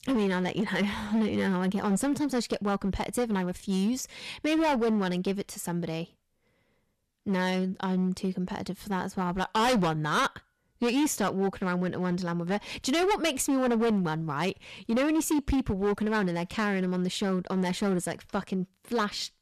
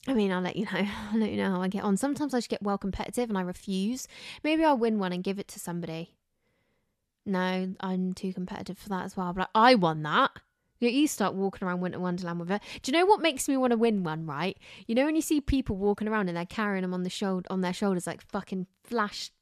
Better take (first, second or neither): second